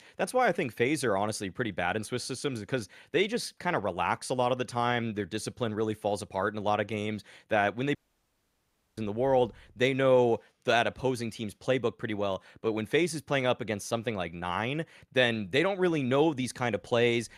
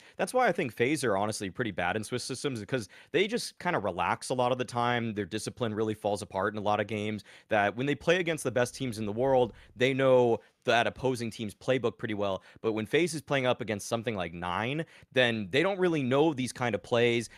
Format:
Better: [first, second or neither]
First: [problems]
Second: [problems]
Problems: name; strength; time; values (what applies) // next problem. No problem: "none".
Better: second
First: audio cutting out; at 8 s for 1 s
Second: none